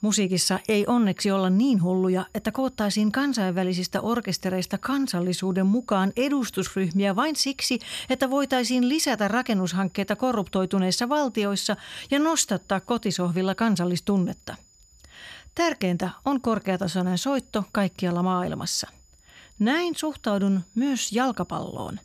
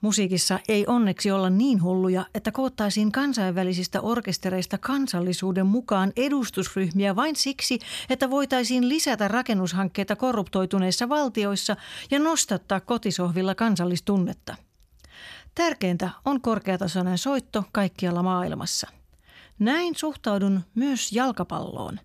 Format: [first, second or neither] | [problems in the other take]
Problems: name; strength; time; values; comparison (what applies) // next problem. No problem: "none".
second | high-pitched whine; faint; throughout; 7 kHz, 30 dB below the speech